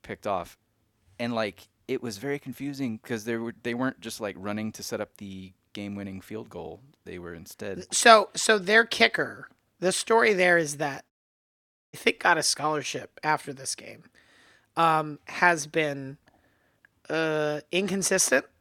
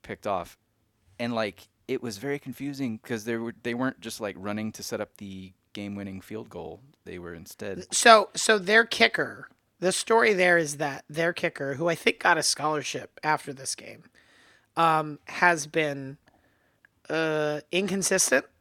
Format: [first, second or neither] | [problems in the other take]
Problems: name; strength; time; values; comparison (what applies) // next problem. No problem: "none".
second | audio cutting out; at 11 s for 1 s